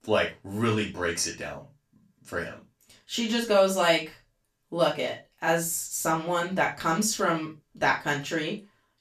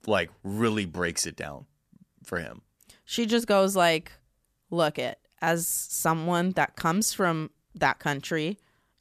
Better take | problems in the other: second | room echo; slight; dies away in 0.2 s // off-mic speech; far

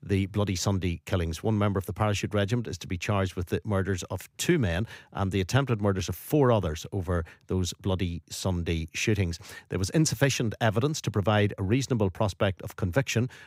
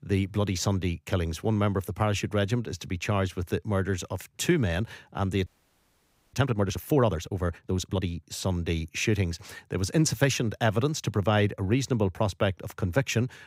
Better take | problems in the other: first | audio freezing; at 5.5 s for 1 s

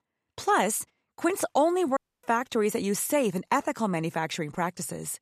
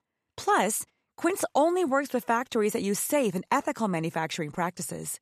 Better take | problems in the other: second | audio cutting out; at 2 s

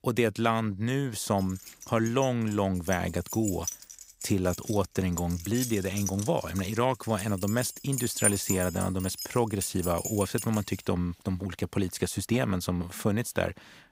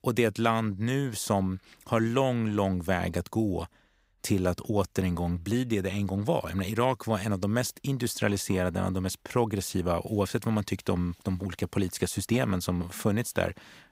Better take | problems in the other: second | jangling keys; loud; from 2 to 11 s; peak 3 dB above the speech

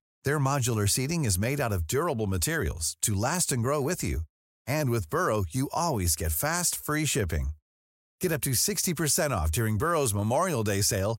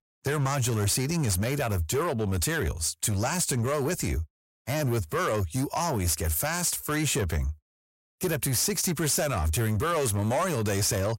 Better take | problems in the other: first | distortion; slight; 13% of the sound clipped

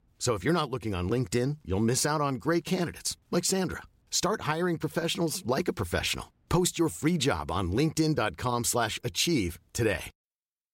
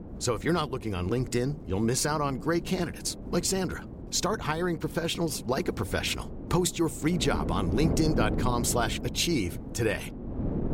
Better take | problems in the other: first | wind noise on the microphone; occasional gusts; 10 dB below the speech

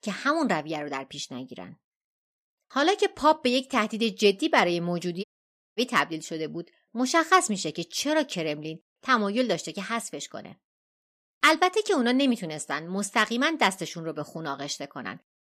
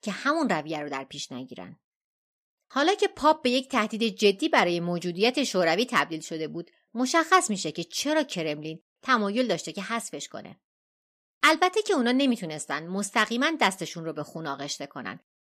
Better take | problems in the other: second | audio cutting out; at 5 s for 0.5 s

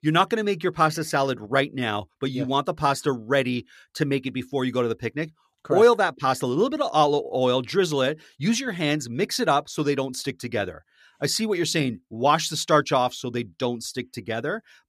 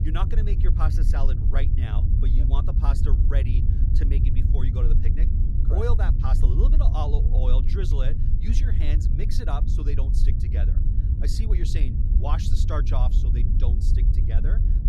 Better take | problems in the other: first | low rumble; loud; throughout; 3 dB below the speech

